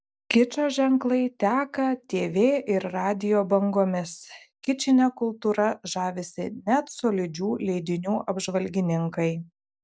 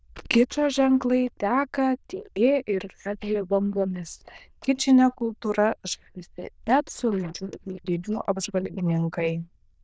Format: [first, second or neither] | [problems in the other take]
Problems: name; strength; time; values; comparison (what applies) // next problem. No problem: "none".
first | noise reduction (neural diffusion model UNIVERSE++)